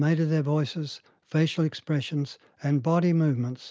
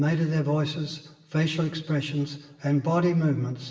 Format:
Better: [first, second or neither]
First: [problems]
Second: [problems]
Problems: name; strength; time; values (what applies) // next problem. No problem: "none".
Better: first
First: none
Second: room echo; dies away in 0.9 s